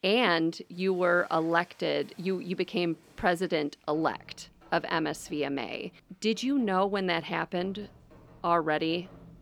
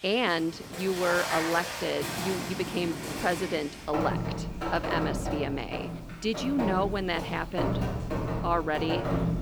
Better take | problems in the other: first | rain or running water; loud; throughout; 3 dB below the speech; faint in the first

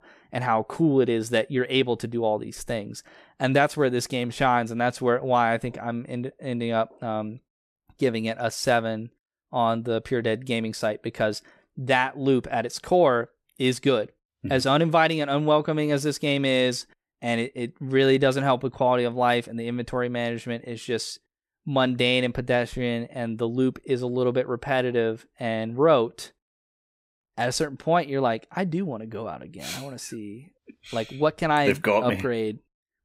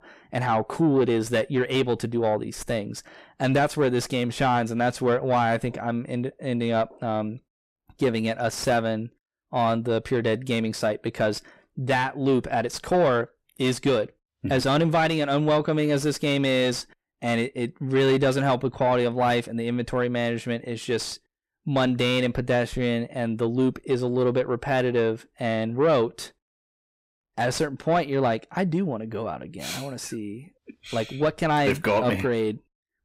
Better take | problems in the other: first | distortion; slight; 10 dB below the speech

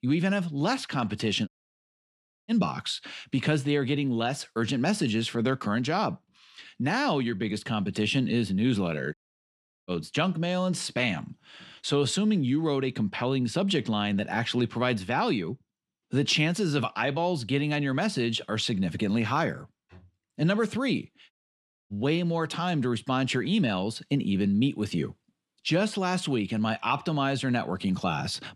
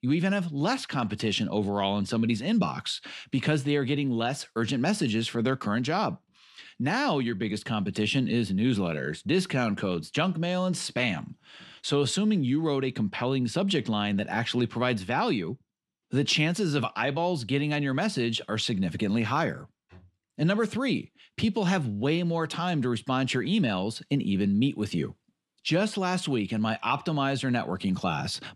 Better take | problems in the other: second | audio cutting out; at 1.5 s for 1 s, at 9 s for 0.5 s and at 21 s for 0.5 s

